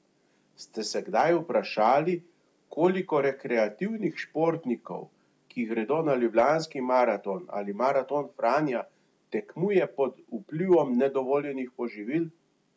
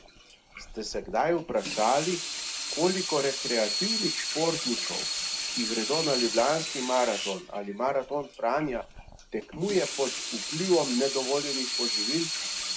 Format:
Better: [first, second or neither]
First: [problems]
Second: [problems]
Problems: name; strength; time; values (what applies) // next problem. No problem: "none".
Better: first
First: none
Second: background sound (Sink (filling or washing) / Water tap, faucet); 4 dB below the speech